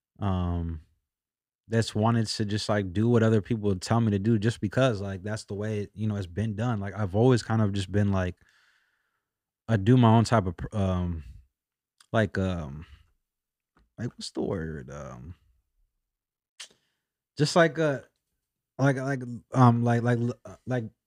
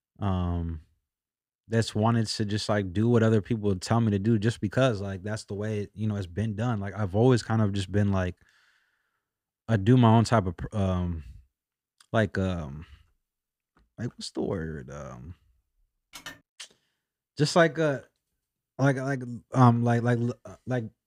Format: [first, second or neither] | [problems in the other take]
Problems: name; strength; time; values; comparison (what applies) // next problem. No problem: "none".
first | phone ringing; faint; at 16 s; peak 15 dB below the speech